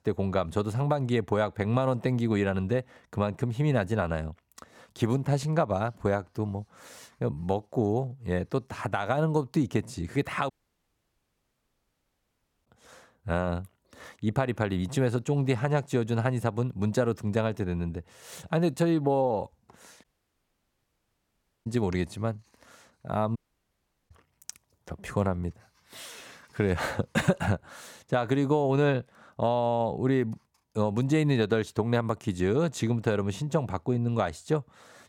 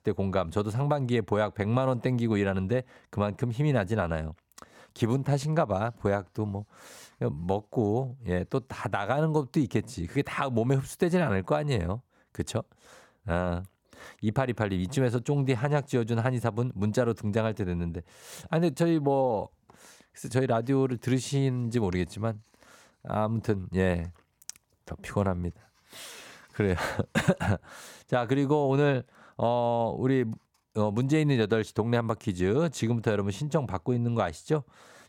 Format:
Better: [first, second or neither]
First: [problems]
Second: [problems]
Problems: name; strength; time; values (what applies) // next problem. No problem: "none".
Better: second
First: audio cutting out; at 11 s for 2 s, at 20 s for 1.5 s and at 23 s for 0.5 s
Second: none